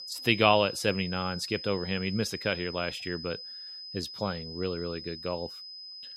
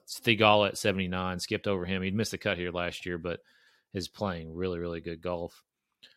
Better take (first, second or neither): second